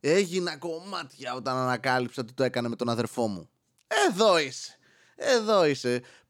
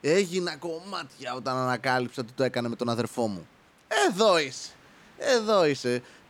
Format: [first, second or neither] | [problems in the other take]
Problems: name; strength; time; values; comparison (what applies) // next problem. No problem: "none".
first | hiss; faint; throughout; 30 dB below the speech